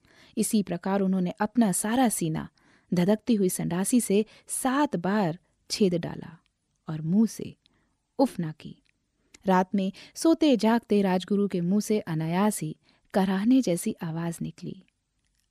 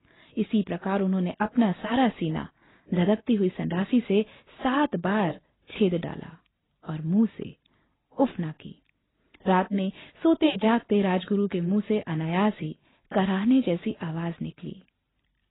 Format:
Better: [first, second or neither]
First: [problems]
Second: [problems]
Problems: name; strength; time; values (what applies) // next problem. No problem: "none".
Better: first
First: none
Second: garbled, watery; badly; nothing above 3.5 kHz